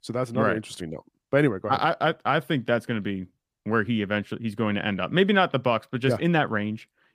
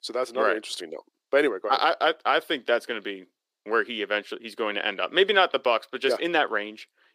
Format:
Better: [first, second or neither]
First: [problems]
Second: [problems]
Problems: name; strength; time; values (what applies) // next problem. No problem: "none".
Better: first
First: none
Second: thin; very; fading below 400 Hz